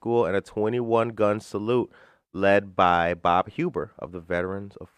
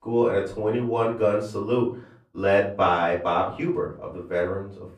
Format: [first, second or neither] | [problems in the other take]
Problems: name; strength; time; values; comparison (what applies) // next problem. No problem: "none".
first | off-mic speech; far // room echo; slight; dies away in 0.3 s